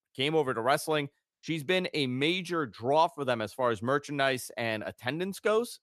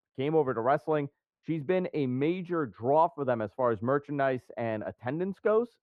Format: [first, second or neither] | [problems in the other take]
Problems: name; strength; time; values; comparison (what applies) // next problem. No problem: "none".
first | muffled; very; fading above 3 kHz